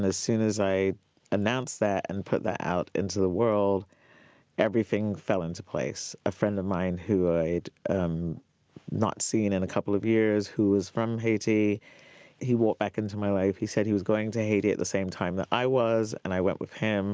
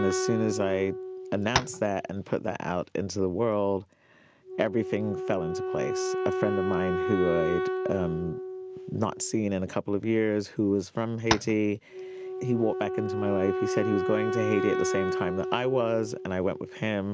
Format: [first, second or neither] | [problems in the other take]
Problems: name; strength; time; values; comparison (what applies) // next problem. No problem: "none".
first | background sound (Wind instrument, woodwind instrument + Tap); 3 dB below the speech